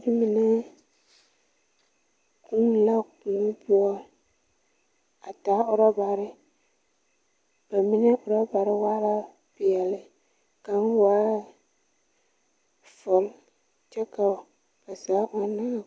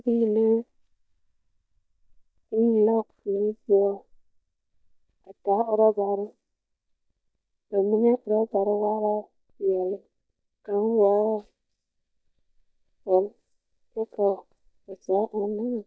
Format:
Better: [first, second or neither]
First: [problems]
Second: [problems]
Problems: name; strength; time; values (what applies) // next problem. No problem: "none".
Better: first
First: none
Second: noise reduction (neural mask model DeepFilterNet 3)